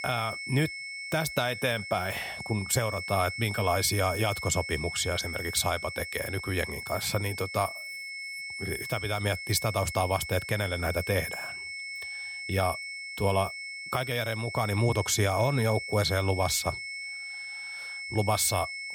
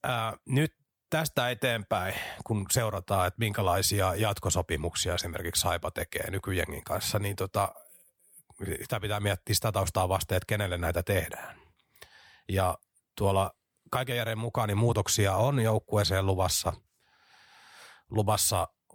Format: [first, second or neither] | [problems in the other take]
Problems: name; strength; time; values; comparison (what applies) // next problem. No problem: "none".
second | high-pitched whine; loud; throughout; 2 kHz, 7 dB below the speech